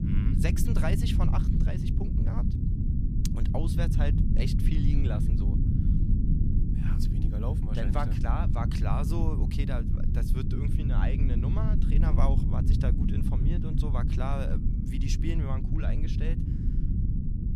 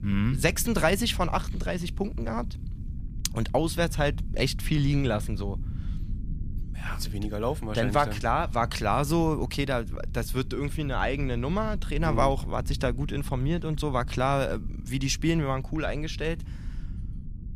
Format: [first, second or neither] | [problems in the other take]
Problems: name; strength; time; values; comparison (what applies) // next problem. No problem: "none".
second | low rumble; loud; throughout; 1 dB below the speech; faint in the second